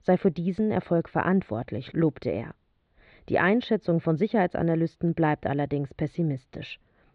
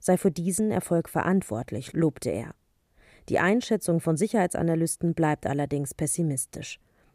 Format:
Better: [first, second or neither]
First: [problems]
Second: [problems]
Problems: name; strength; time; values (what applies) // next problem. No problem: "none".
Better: second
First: muffled; very; fading above 4 kHz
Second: none